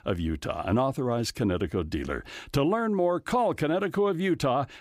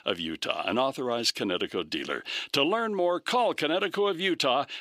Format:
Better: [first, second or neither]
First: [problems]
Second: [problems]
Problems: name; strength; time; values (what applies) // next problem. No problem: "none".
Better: first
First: none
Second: thin; very slightly; fading below 300 Hz